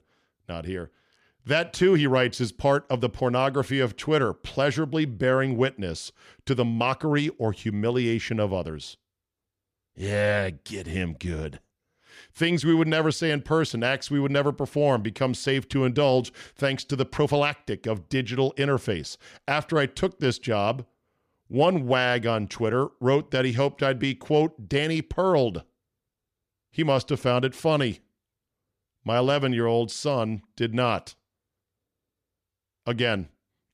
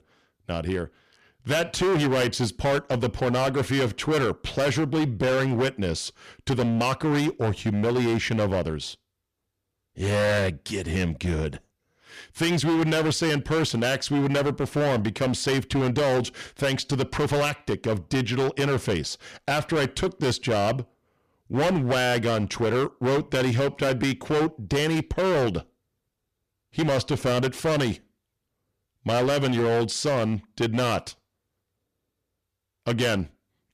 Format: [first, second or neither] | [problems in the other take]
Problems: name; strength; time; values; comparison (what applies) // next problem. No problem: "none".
first | distortion; heavy; 17% of the sound clipped